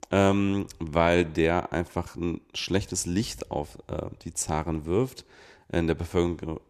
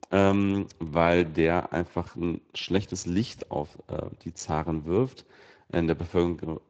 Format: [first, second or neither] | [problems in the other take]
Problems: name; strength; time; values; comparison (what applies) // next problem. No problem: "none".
first | garbled, watery; slightly